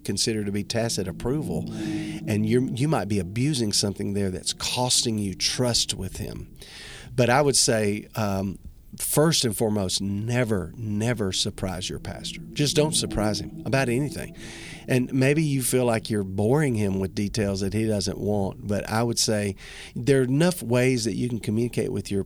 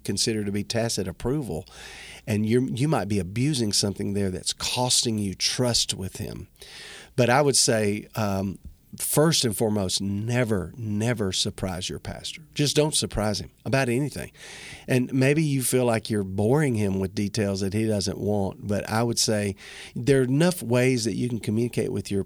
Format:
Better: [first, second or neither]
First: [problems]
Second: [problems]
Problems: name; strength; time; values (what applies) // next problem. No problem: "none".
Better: second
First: low rumble; noticeable; throughout; 20 dB below the speech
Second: none